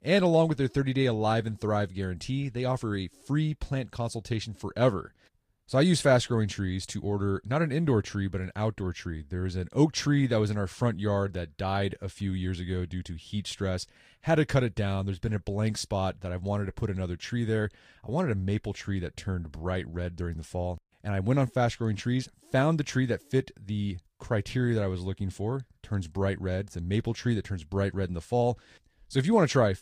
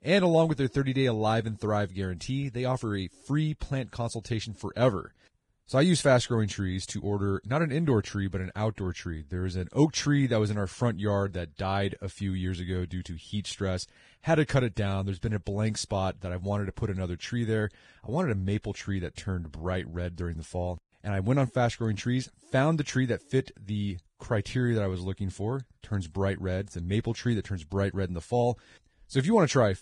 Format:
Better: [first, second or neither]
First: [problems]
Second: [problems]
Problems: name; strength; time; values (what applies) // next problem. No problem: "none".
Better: first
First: garbled, watery; slightly; nothing above 15 kHz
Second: garbled, watery; badly